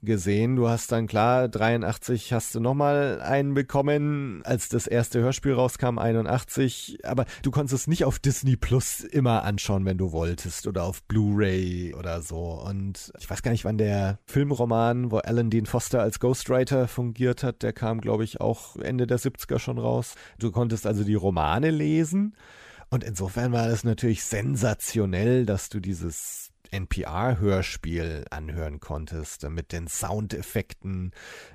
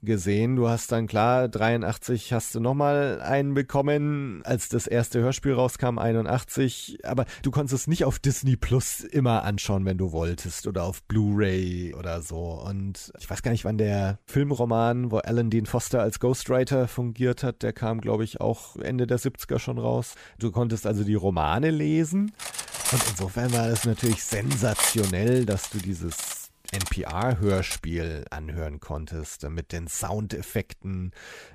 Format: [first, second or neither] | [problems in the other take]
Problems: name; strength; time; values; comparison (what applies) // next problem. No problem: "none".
first | clattering dishes; loud; from 22 to 28 s; peak 3 dB above the speech